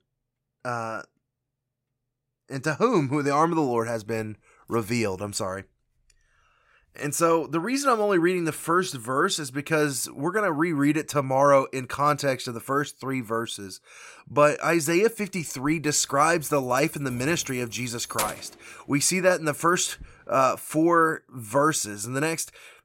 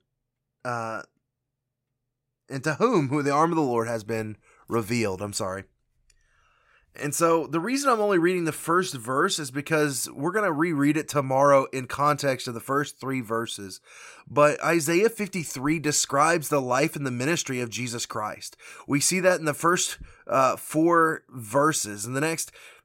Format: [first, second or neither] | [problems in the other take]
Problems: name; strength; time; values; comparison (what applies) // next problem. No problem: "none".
second | jangling keys; noticeable; from 16 to 18 s; peak 5 dB below the speech